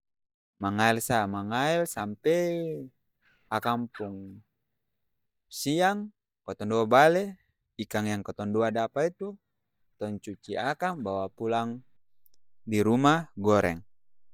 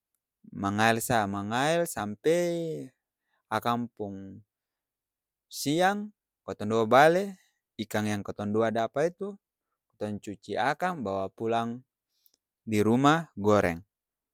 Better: second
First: noise reduction (neural mask model DeepFilterNet 3)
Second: none

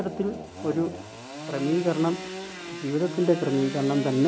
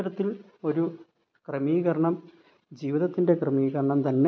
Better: second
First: background sound (Sawing / Engine); 10 dB below the speech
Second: none

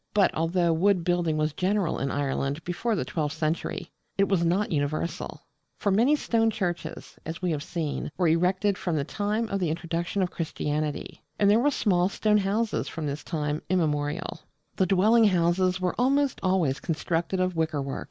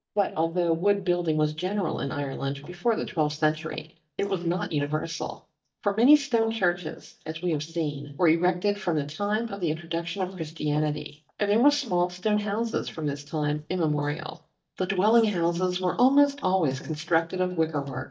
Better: first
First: none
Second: noise reduction (neural mask model DeepFilterNet 3)

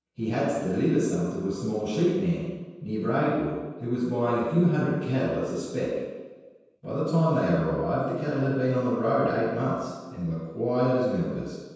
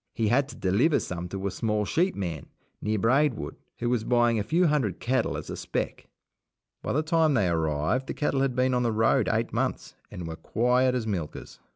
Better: second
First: room echo; dies away in 1.2 s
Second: none

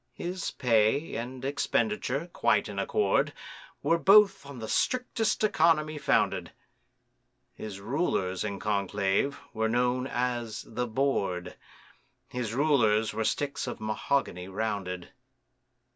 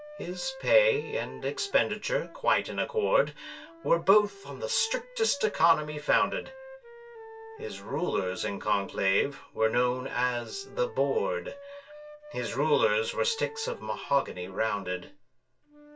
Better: first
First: none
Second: background sound (Wind instrument, woodwind instrument); 18 dB below the speech // room echo; dies away in 0.2 s

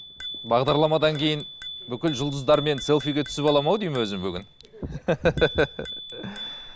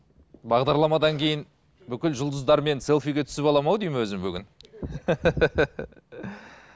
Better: second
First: background sound (Bicycle bell); 13 dB below the speech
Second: none

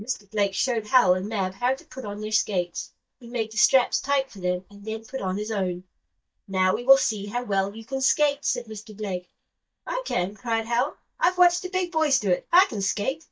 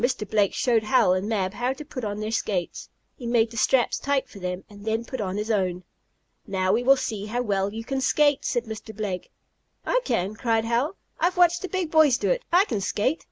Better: second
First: noise reduction (neural mask model DeepFilterNet 3)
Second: none

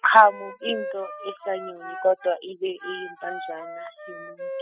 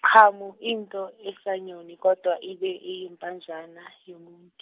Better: second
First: noise reduction (classical method spectral subtraction)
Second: none

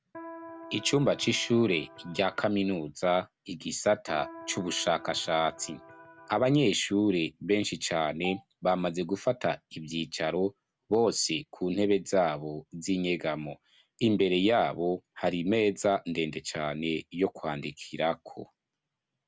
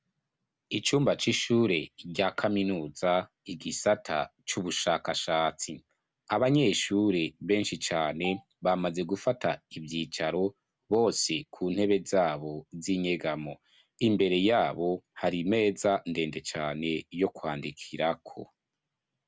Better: second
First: background sound (Electric guitar); 17 dB below the speech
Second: none

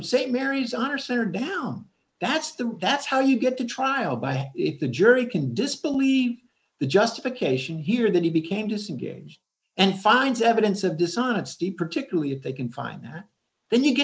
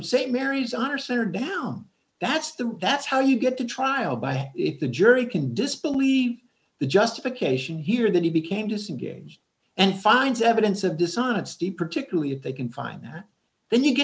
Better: second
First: noise reduction (neural mask model Resemble Enhance denoiser)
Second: none

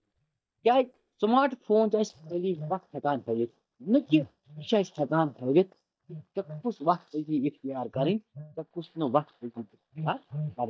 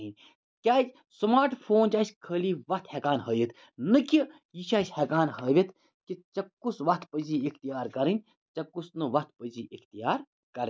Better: second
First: noise reduction (neural mask model DeepFilterNet 3)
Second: none

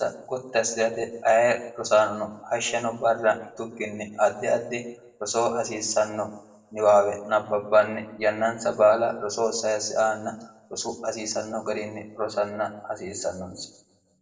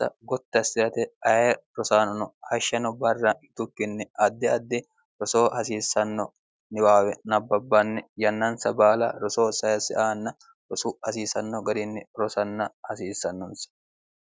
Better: second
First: room echo; dies away in 0.6 s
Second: none

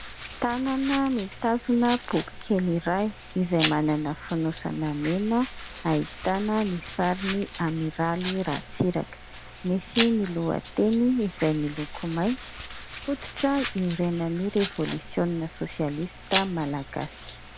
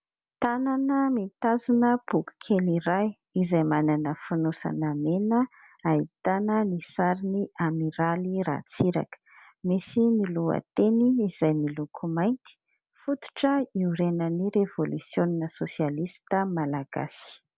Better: second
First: background sound (Domestic sounds, home sounds); 11 dB below the speech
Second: none

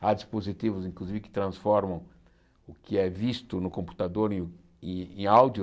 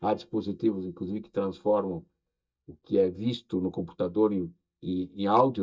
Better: first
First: none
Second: noise reduction (neural mask model DeepFilterNet 3)

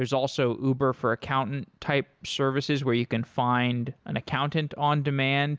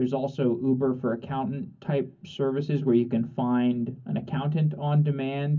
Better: first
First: none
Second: room echo; dies away in 0.3 s

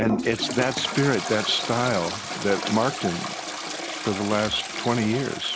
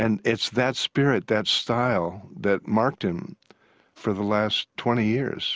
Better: second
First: background sound (Toilet flush); 6 dB below the speech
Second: none

